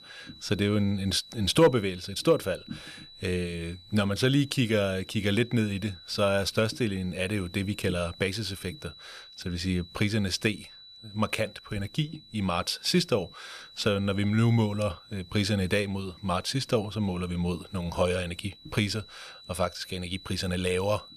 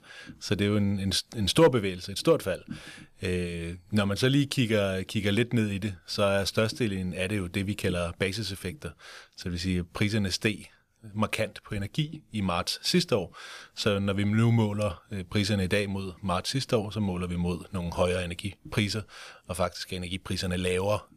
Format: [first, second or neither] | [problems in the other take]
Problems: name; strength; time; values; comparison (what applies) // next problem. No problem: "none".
second | high-pitched whine; noticeable; throughout; 4 kHz, 20 dB below the speech